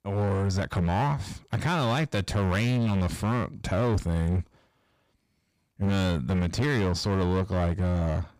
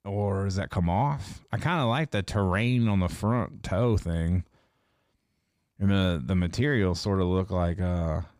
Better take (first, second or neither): second